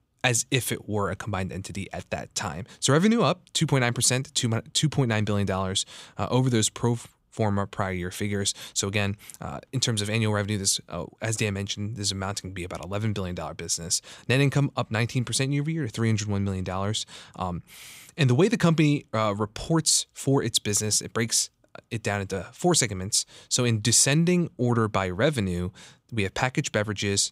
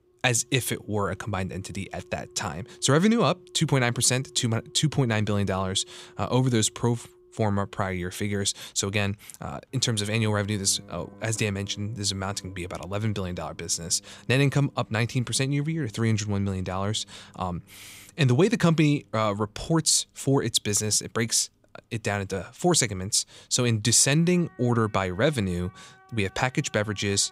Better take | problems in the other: first | background music; faint; throughout; 25 dB below the speech

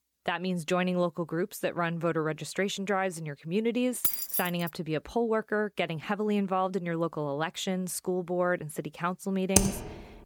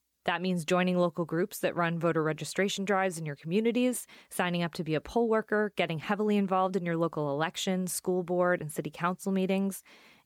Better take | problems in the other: second | jangling keys; loud; at 4 s; peak 4 dB above the speech // keyboard typing; loud; at 9.5 s; peak 5 dB above the speech

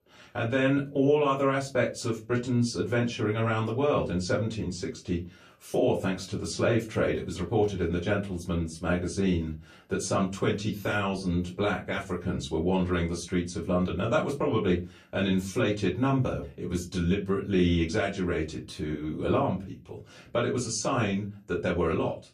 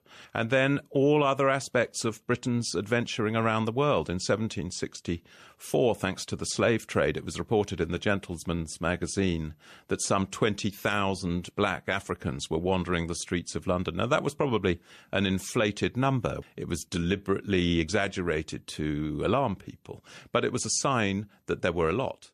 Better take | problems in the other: second | off-mic speech; far // room echo; very slight; dies away in 0.3 s

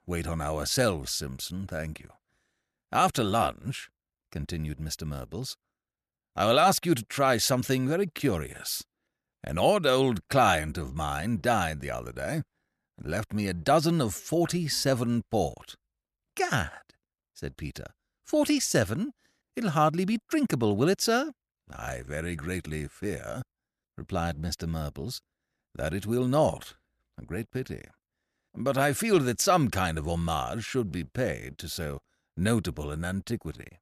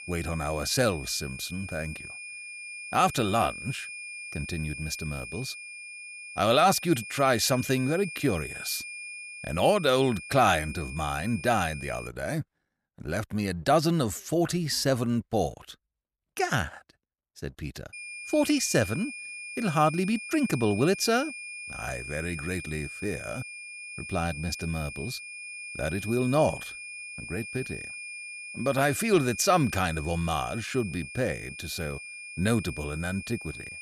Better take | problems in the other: first | high-pitched whine; noticeable; until 12 s and from 18 s on; 2.5 kHz, 10 dB below the speech

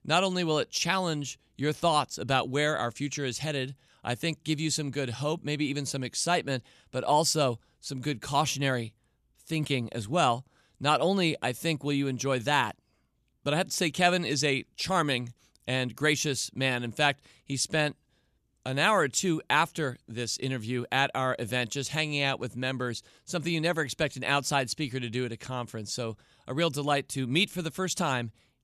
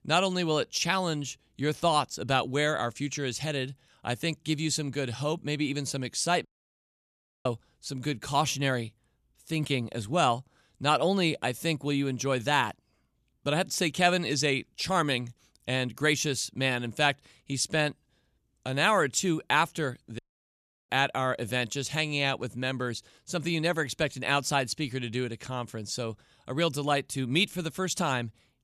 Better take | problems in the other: first | audio cutting out; at 6.5 s for 1 s and at 20 s for 0.5 s

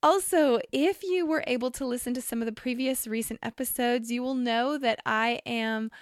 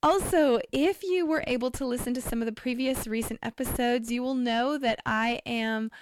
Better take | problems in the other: first | distortion; slight; 6 dB below the speech

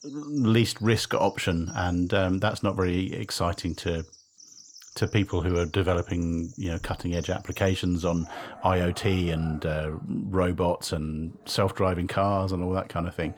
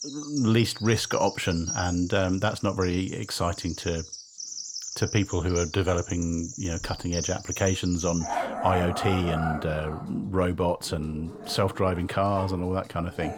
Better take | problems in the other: first | animal sounds; loud; throughout; 8 dB below the speech; faint in the first

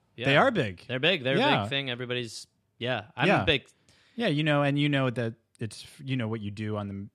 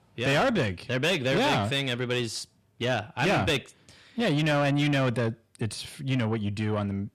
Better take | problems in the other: first | distortion; heavy; 7 dB below the speech

